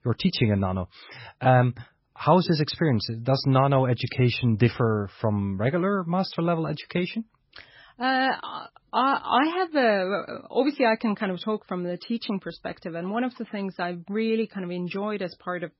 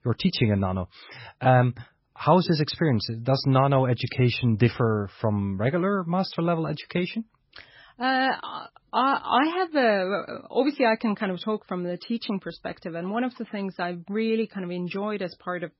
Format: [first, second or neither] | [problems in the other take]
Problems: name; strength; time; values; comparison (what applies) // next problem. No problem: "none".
neither | garbled, watery; badly; nothing above 5.5 kHz; the same in both